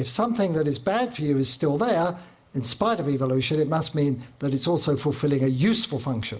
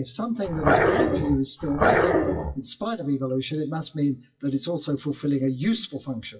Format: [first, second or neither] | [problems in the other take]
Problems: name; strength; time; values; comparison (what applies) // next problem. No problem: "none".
first | noise reduction (classical method WPE with log-MMSE)